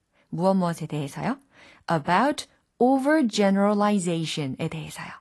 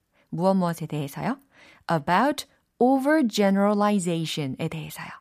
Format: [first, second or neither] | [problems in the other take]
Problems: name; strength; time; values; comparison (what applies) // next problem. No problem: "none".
second | garbled, watery; slightly; nothing above 11.5 kHz